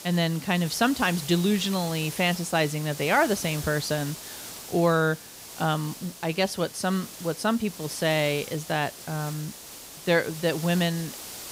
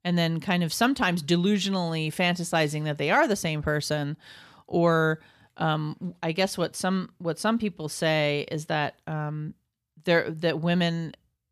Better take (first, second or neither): second